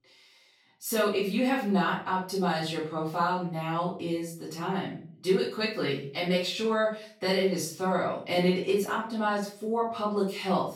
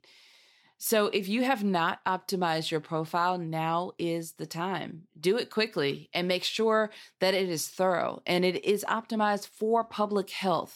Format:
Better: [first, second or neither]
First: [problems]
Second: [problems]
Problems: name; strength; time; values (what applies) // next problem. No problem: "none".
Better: second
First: room echo; noticeable; dies away in 0.4 s // off-mic speech; far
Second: none